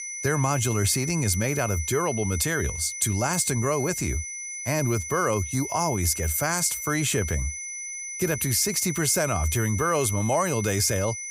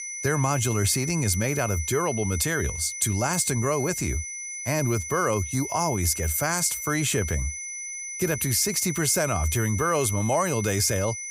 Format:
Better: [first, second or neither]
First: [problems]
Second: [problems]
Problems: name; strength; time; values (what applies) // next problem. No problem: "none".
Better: neither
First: high-pitched whine; loud; throughout; 6 kHz, 7 dB below the speech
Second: high-pitched whine; loud; throughout; 6 kHz, 7 dB below the speech